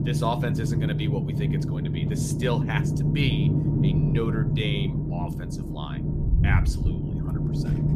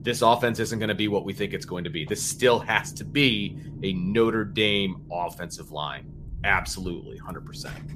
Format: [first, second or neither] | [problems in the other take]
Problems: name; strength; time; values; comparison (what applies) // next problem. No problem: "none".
second | low rumble; loud; throughout; 2 dB below the speech; faint in the second